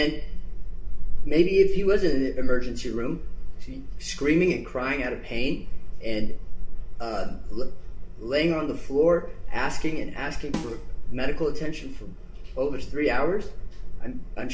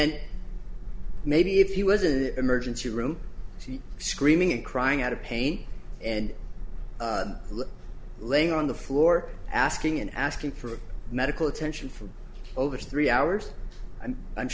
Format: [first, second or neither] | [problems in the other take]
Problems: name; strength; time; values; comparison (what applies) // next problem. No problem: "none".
second | background sound (Snare drum); 15 dB below the speech // room echo; dies away in 0.3 s